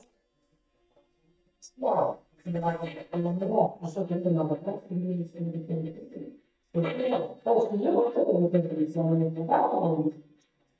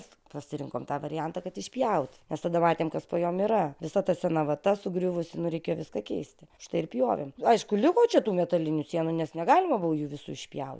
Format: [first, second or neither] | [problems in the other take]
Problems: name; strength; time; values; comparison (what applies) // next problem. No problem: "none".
second | noise reduction (neural mask model DeepFilterNet 3)